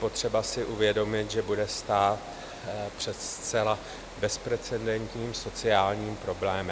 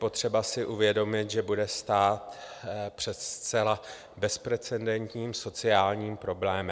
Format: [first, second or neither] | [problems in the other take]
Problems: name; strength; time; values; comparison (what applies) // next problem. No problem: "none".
second | background sound (Water); 14 dB below the speech